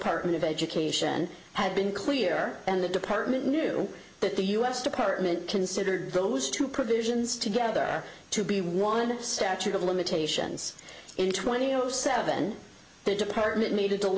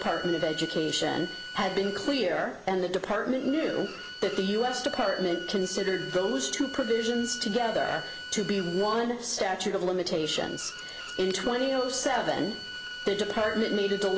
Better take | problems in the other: first | background sound (Bowed string instrument); 11 dB below the speech

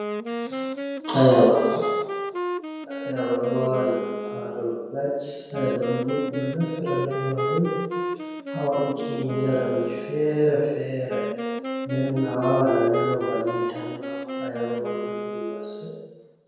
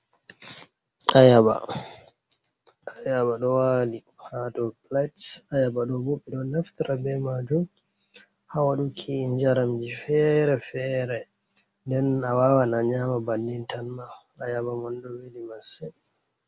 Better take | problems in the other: second | background sound (Wind instrument, woodwind instrument); 5 dB below the speech // room echo; dies away in 1.2 s

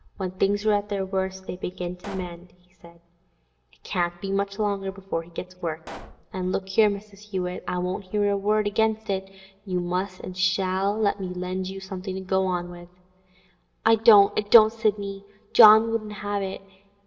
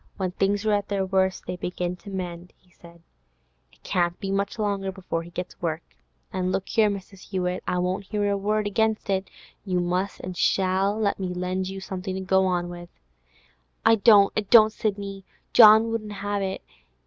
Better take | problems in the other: second | background sound (Explosion); 17 dB below the speech // room echo; dies away in 0.5 s

